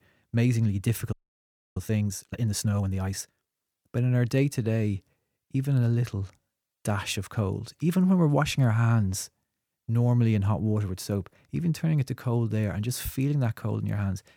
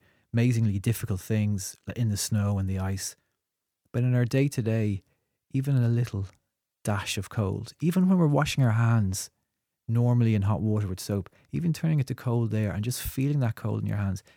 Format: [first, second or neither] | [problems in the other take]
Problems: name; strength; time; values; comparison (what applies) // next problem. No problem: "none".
second | audio freezing; at 1 s for 0.5 s